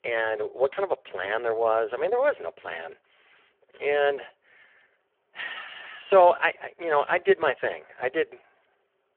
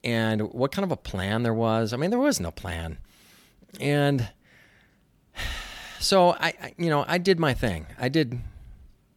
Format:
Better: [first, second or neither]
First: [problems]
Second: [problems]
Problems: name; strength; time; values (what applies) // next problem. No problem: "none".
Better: second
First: phone-call audio; poor line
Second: none